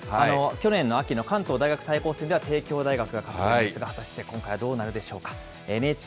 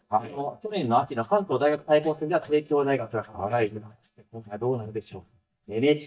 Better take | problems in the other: first | noise reduction (neural mask model DeepFilterNet 3)

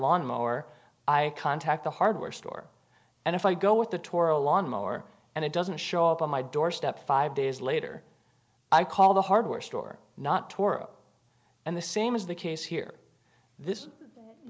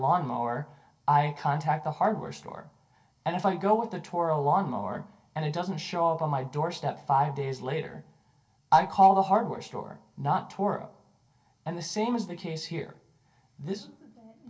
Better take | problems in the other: first | room echo; dies away in 0.2 s

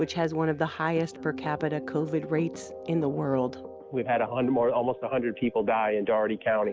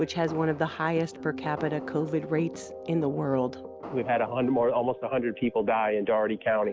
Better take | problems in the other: first | background sound (Fireworks); 18 dB below the speech

